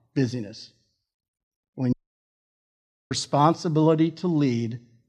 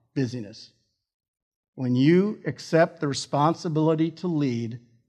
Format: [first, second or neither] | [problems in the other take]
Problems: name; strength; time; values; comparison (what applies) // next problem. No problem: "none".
second | audio cutting out; at 2 s for 1 s